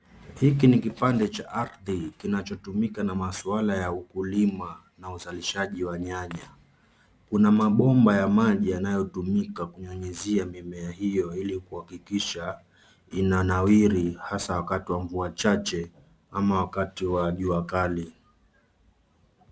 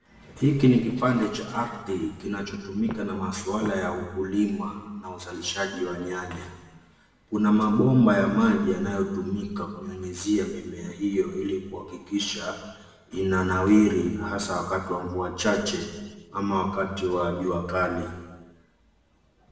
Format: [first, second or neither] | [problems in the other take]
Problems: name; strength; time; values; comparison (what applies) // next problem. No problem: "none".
first | background sound (Walk, footsteps); 16 dB below the speech // room echo; dies away in 1.2 s